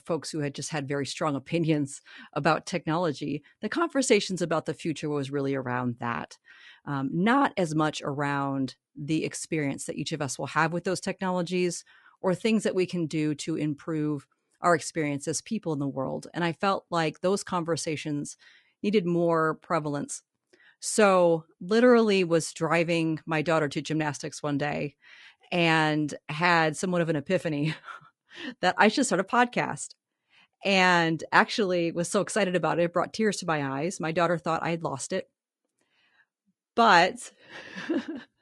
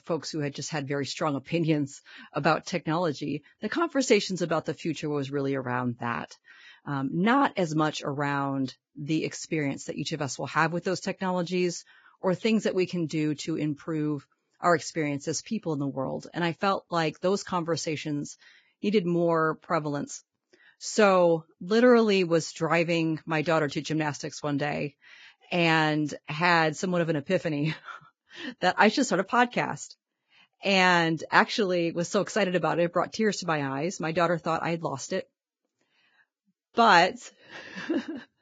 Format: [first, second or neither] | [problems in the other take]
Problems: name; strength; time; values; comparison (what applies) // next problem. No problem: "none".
first | garbled, watery; badly; nothing above 7.5 kHz; slightly in the first